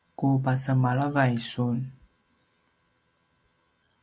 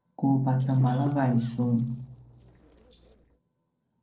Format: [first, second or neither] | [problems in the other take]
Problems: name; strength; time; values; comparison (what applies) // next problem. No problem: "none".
first | noise reduction (neural separator model SepFormer DNS4)